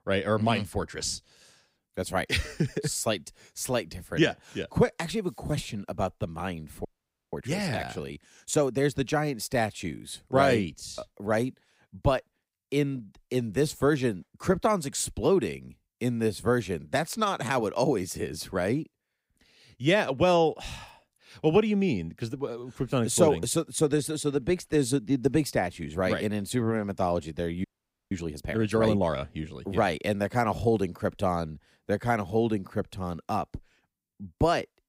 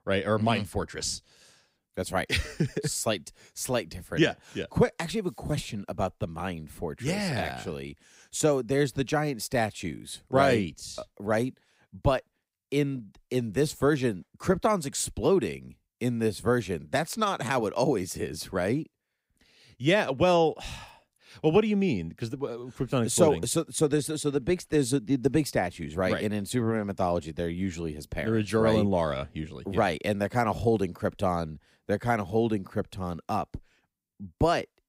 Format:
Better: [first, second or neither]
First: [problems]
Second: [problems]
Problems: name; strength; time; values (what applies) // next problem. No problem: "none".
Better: second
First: audio freezing; at 7 s and at 28 s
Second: none